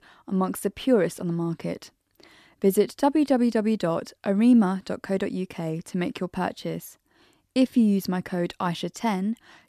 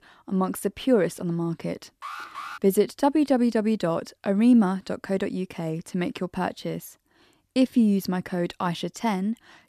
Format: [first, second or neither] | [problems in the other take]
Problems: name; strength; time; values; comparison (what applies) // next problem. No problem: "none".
first | alarm; faint; at 2 s; peak 10 dB below the speech